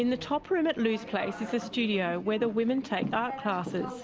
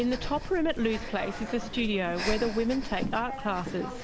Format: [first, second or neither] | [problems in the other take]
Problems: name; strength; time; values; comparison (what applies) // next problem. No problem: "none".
first | background sound (Breathing); 7 dB below the speech